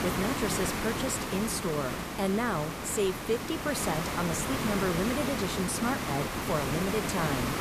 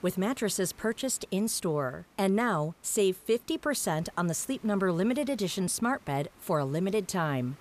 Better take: second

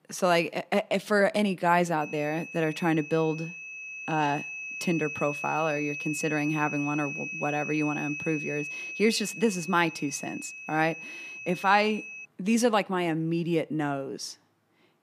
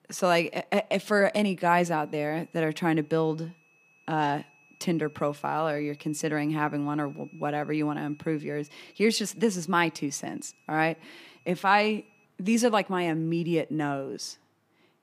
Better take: second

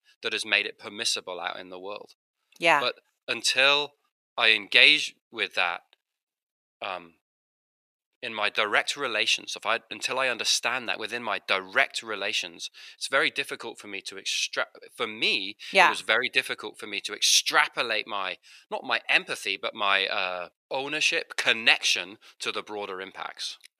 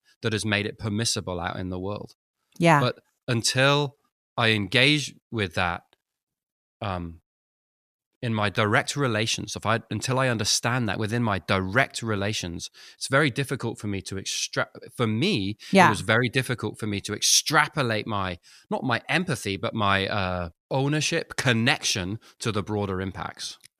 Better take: second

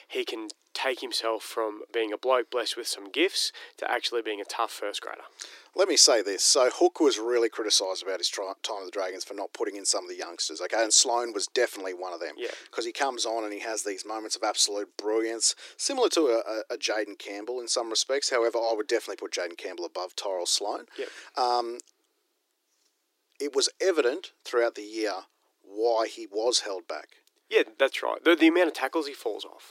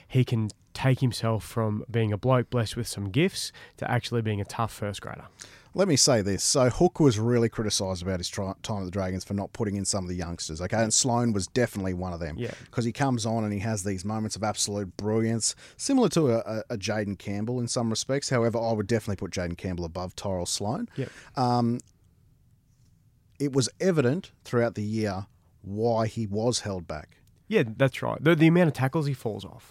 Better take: second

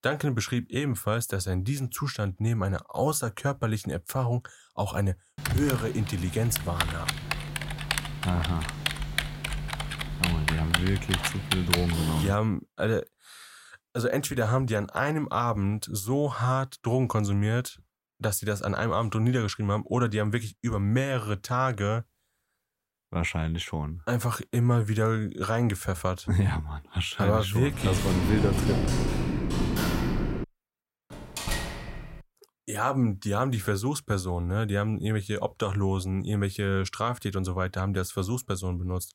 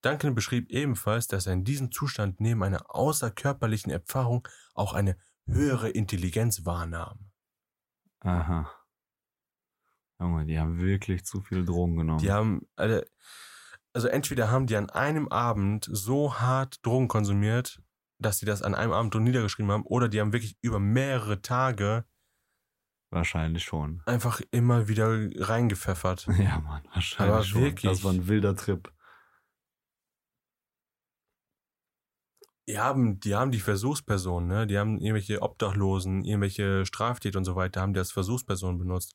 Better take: second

